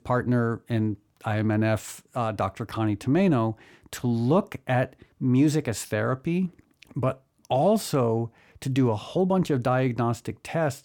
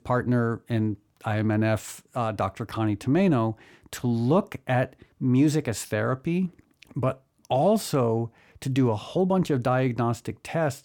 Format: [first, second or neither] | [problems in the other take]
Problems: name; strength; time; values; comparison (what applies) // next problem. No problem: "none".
neither | none